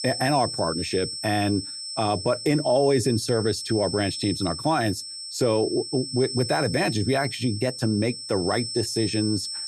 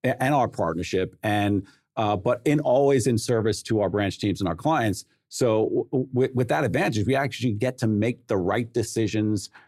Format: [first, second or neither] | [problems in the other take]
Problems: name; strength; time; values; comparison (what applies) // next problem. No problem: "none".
second | high-pitched whine; loud; throughout; 5.5 kHz, 7 dB below the speech